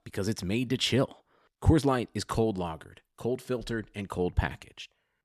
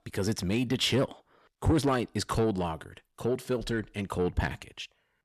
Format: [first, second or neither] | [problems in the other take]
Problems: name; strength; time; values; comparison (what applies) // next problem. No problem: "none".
first | distortion; slight; 10 dB below the speech